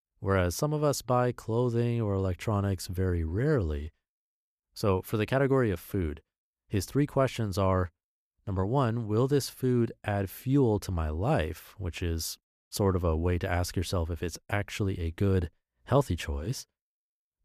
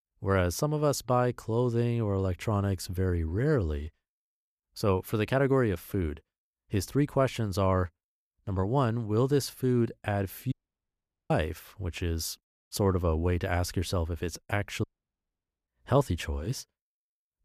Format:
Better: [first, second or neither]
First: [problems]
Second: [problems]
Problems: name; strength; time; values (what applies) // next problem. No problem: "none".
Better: first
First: none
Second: audio cutting out; at 11 s for 1 s and at 15 s for 1 s